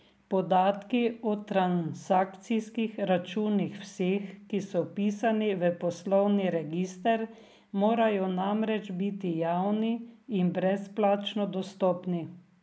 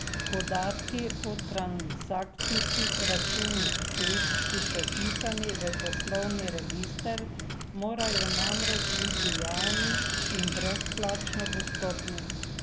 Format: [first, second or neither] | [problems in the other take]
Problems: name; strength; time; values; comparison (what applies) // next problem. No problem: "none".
first | background sound (Bicycle); 4 dB above the speech